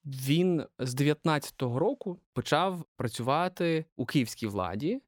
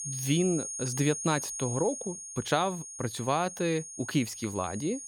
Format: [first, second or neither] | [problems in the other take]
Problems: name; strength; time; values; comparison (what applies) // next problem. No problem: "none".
first | high-pitched whine; loud; throughout; 6.5 kHz, 6 dB below the speech